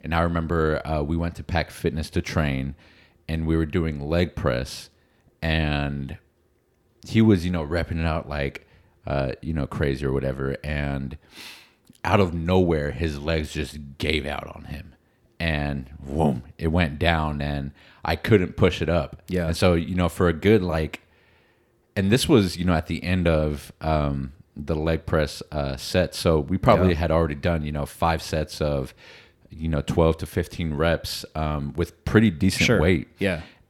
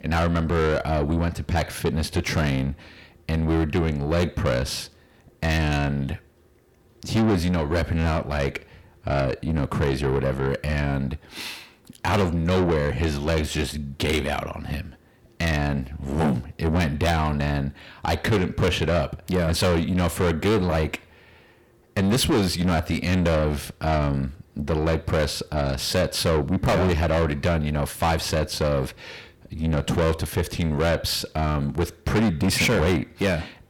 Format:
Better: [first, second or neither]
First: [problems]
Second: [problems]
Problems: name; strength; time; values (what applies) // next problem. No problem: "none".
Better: first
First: none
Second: distortion; heavy; 6 dB below the speech